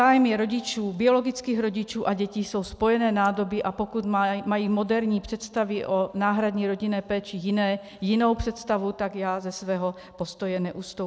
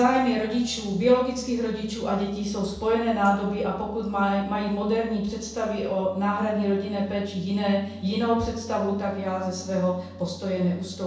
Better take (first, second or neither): first